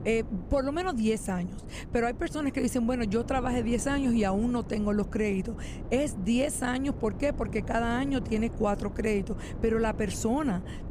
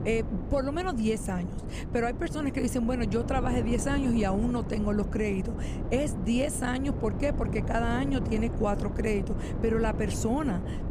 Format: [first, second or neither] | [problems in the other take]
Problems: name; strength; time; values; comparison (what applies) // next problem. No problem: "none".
first | wind noise on the microphone; heavy; 9 dB below the speech; occasional gusts in the first